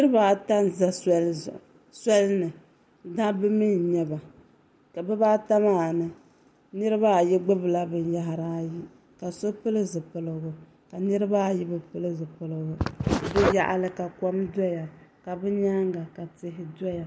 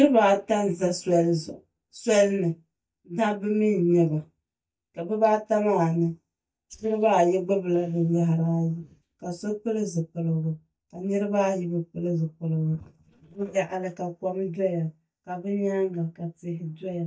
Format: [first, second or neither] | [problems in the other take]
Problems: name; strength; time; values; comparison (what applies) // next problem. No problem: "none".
first | noise reduction (neural mask model DeepFilterNet 3)